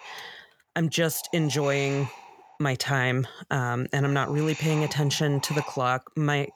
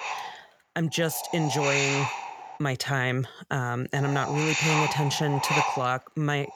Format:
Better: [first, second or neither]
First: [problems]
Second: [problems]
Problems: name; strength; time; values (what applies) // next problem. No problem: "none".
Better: first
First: wind noise on the microphone; occasional gusts; until 2.5 s and from 4 s on; 10 dB below the speech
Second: wind noise on the microphone; heavy; until 2.5 s and from 4 s on; 2 dB above the speech